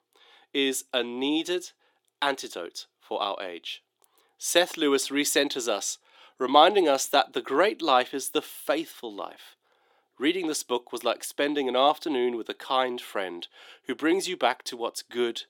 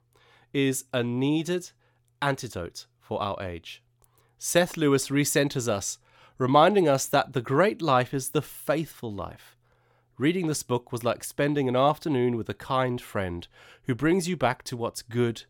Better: second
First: thin; very slightly; fading below 300 Hz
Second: none

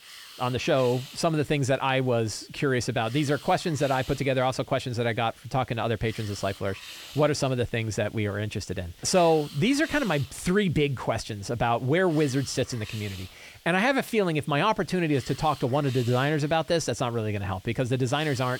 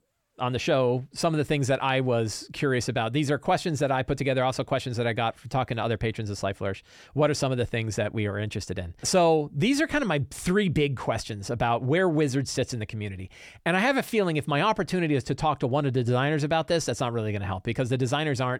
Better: second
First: hiss; noticeable; throughout; 20 dB below the speech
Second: none

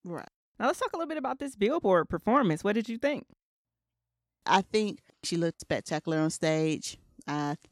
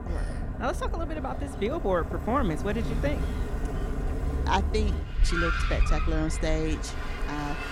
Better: first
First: none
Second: traffic noise; loud; throughout; as loud as the speech

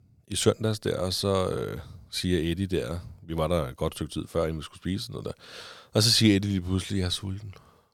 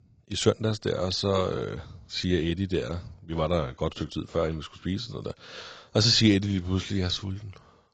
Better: first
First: none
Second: garbled, watery; badly; nothing above 7.5 kHz

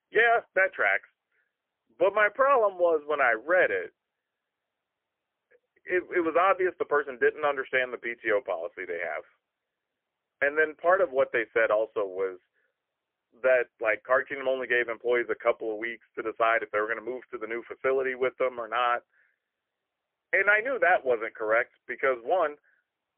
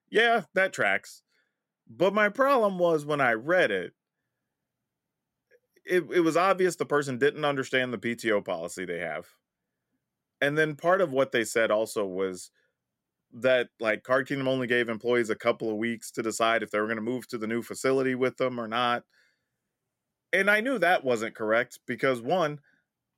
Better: second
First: phone-call audio; poor line; nothing above 3 kHz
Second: none

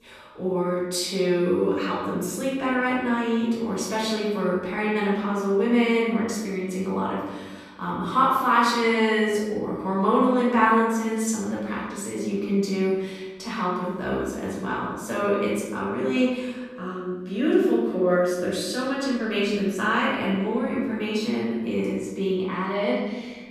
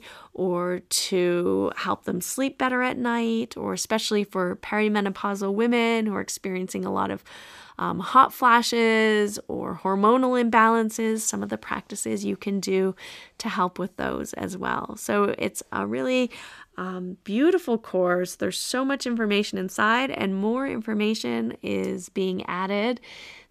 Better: second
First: room echo; noticeable; dies away in 1.1 s // off-mic speech; far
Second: none

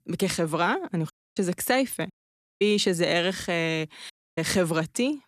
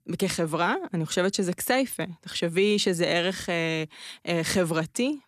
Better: second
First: audio cutting out; at 1 s, at 2 s for 0.5 s and at 4 s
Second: none

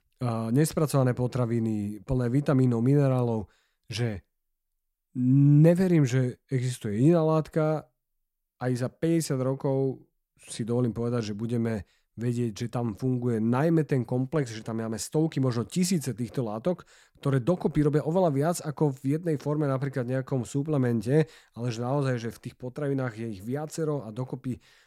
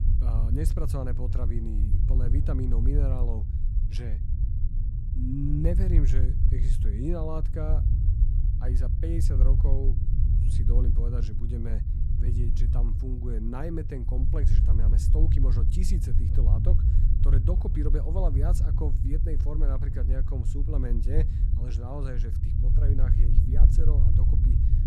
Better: first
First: none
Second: low rumble; loud; throughout; 3 dB below the speech

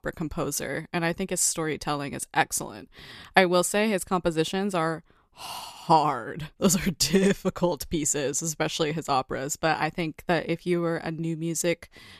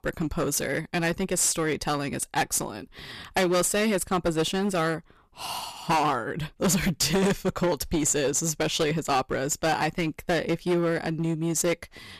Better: first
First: none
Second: distortion; heavy; 11% of the sound clipped

